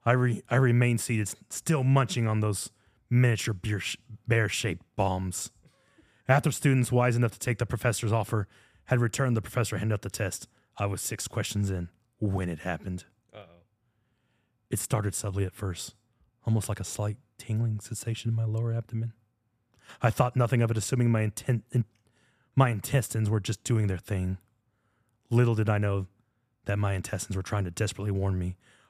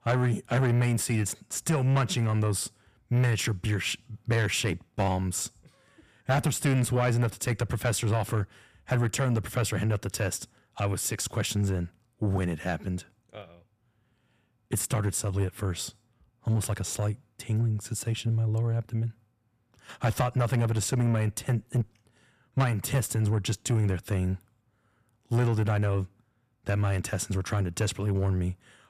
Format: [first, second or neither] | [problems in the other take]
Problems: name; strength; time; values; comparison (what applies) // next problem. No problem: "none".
first | distortion; slight; 10 dB below the speech